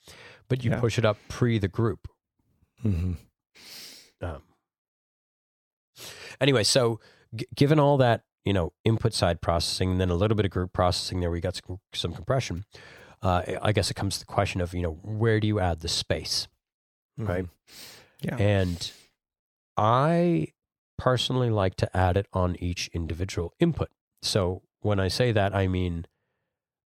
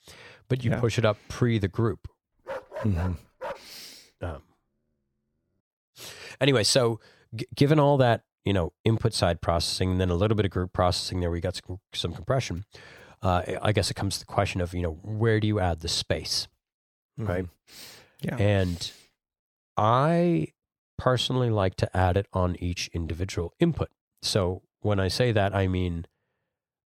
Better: first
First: none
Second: dog barking; faint; from 2.5 to 3.5 s; peak 10 dB below the speech

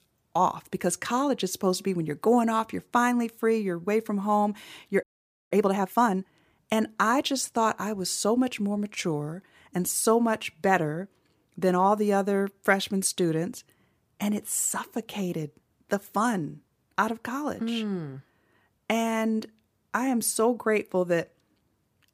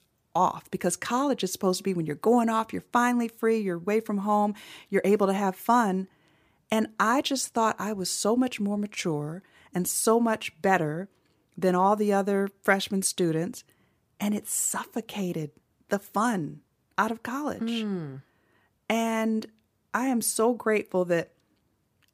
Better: second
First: audio freezing; at 5 s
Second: none

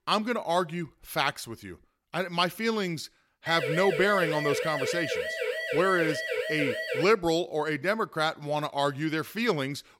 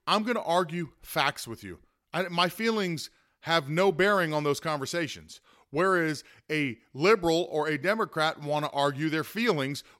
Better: second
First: siren; noticeable; from 3.5 to 7 s; peak 1 dB below the speech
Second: none

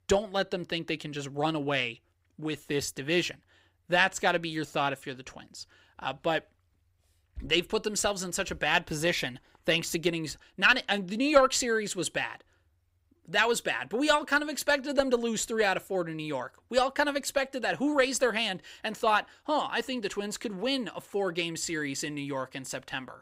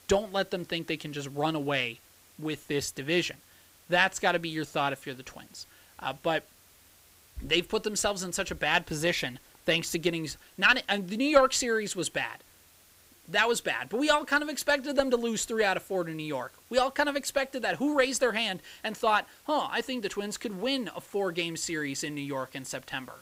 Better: first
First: none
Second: hiss; faint; throughout; 25 dB below the speech

